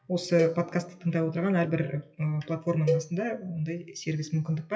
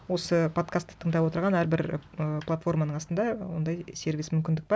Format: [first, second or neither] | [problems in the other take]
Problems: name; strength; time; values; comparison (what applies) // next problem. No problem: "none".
second | noise reduction (classical method WPE with log-MMSE)